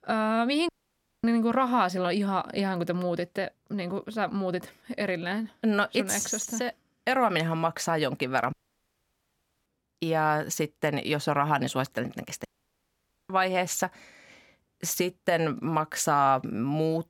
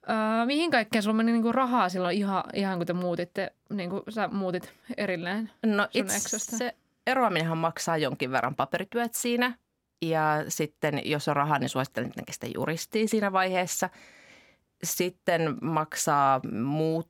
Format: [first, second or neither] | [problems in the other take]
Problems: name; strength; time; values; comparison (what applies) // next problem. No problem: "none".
second | audio cutting out; at 0.5 s for 0.5 s, at 8.5 s for 1 s and at 12 s for 1 s